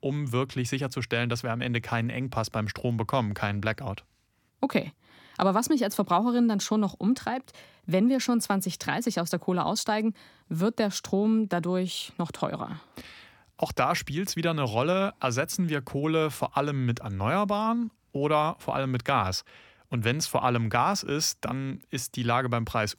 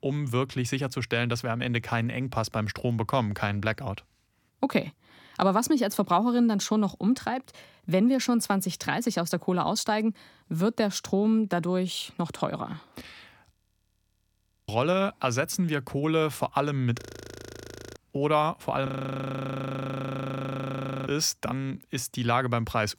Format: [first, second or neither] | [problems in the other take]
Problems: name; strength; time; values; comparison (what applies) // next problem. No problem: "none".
first | audio freezing; at 14 s for 1 s, at 17 s for 1 s and at 19 s for 2 s